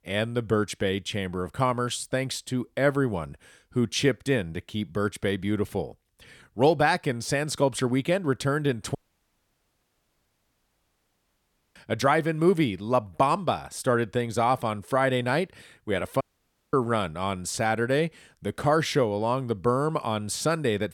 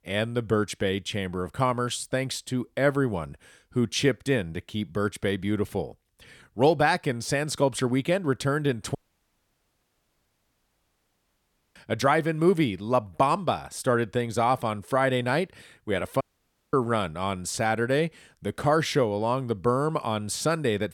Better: neither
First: audio cutting out; at 9 s for 3 s and at 16 s for 0.5 s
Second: audio cutting out; at 9 s for 3 s and at 16 s for 0.5 s

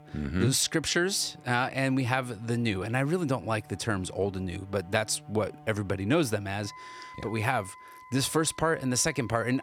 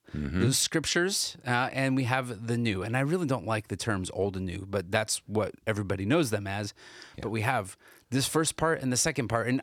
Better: second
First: background music; faint; throughout; 20 dB below the speech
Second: none

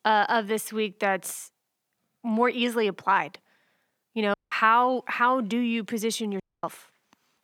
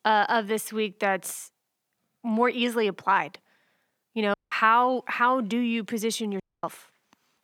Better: neither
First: audio cutting out; at 4.5 s and at 6.5 s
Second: audio cutting out; at 4.5 s and at 6.5 s

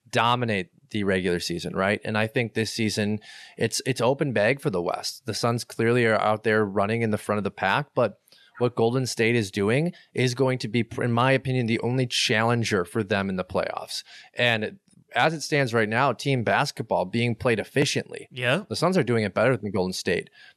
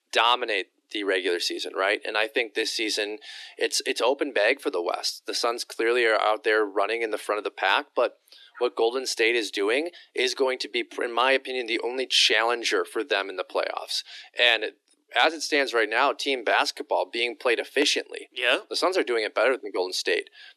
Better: first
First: none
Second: thin; somewhat; fading below 300 Hz

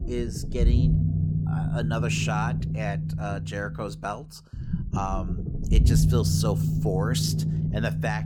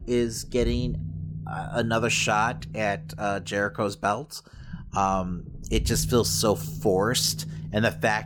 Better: second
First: low rumble; loud; throughout; 5 dB below the speech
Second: low rumble; faint; throughout; 20 dB below the speech

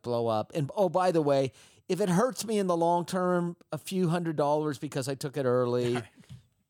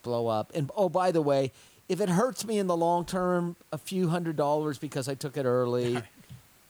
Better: first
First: none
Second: hiss; faint; throughout; 30 dB below the speech

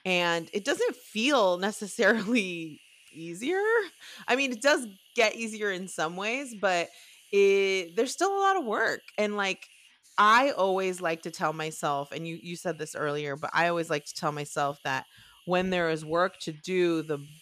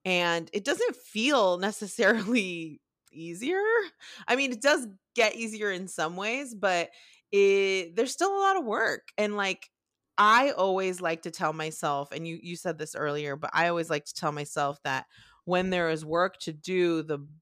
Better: second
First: hiss; faint; throughout; 25 dB below the speech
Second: none

